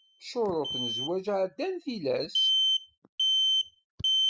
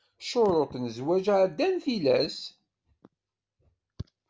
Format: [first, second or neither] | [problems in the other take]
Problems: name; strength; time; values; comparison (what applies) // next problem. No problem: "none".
second | noise reduction (classical method spectral subtraction)